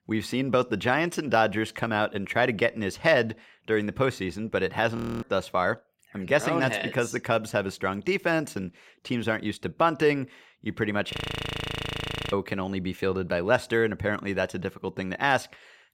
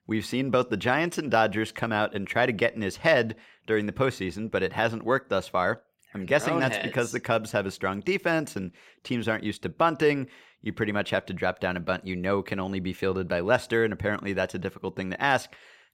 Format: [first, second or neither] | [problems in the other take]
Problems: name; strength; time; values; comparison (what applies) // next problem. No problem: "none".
second | audio freezing; at 5 s and at 11 s for 1 s